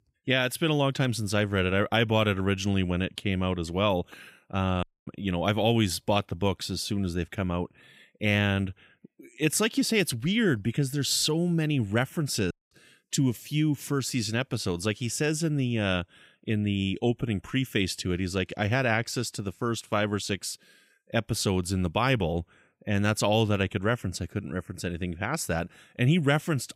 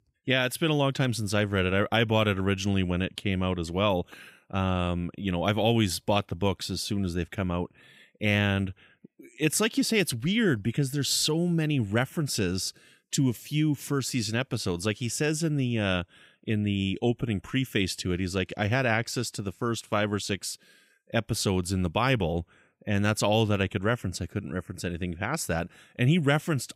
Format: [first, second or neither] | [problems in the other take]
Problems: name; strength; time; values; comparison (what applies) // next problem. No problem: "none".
second | audio cutting out; at 5 s and at 13 s